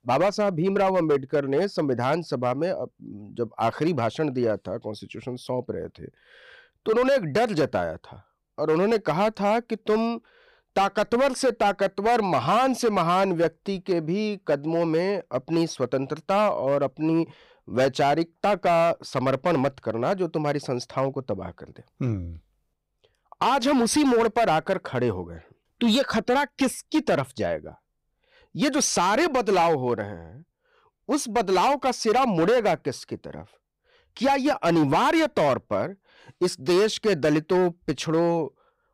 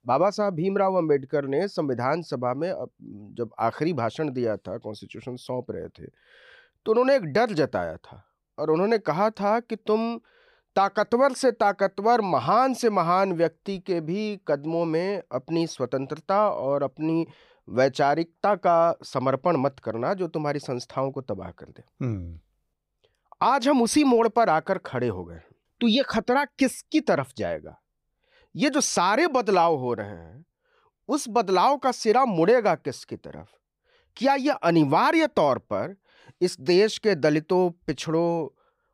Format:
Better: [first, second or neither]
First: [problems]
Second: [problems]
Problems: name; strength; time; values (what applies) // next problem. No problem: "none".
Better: second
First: distortion; slight; 8% of the sound clipped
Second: none